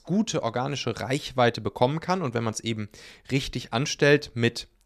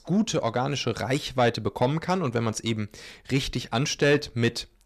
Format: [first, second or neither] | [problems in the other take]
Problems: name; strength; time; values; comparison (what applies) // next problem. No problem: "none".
first | distortion; slight; 10 dB below the speech